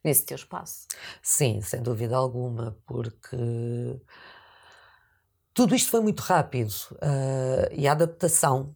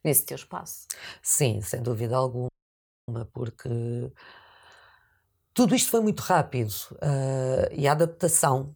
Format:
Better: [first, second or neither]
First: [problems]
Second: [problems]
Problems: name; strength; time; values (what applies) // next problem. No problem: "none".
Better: first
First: none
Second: audio freezing; at 2.5 s for 0.5 s